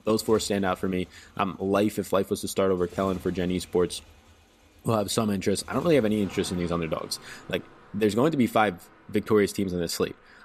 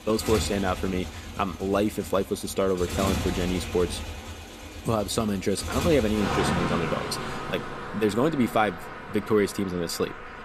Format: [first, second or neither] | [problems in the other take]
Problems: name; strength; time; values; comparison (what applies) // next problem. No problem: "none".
first | traffic noise; loud; throughout; 6 dB below the speech; faint in the first